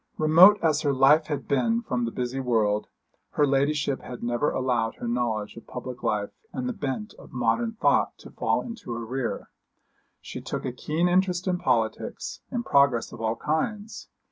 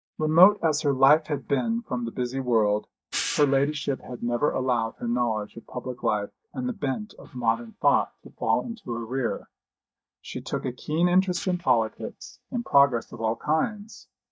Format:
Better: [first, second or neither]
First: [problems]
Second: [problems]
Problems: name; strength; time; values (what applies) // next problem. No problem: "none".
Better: first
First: none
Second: noise reduction (neural mask model DeepFilterNet 3)